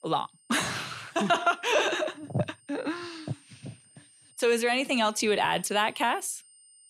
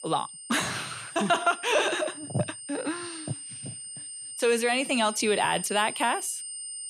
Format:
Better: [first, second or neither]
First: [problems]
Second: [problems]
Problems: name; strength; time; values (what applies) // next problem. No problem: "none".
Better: first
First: high-pitched whine; faint; throughout; 8.5 kHz, 30 dB below the speech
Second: high-pitched whine; loud; throughout; 8.5 kHz, 10 dB below the speech